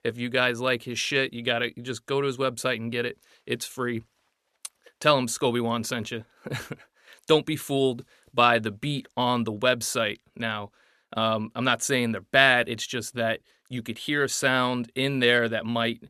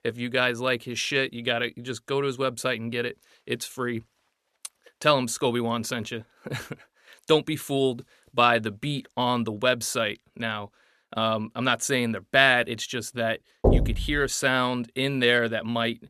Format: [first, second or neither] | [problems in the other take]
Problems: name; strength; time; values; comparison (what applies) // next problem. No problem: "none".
first | door banging; loud; at 14 s; peak 3 dB above the speech